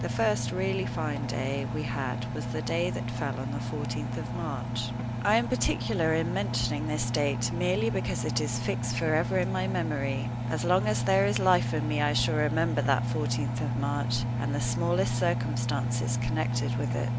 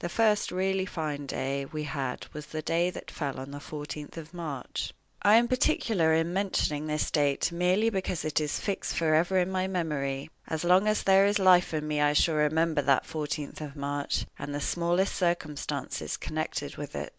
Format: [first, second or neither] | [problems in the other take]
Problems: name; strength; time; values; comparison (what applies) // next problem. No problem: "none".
second | background sound (Engine); as loud as the speech